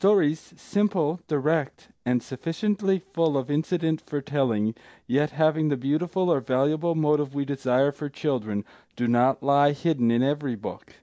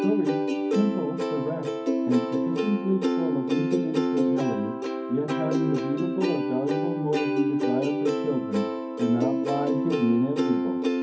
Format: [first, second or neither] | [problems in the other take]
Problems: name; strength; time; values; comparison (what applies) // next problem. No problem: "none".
first | background sound (Plucked string instrument); 2 dB above the speech // room echo; dies away in 0.3 s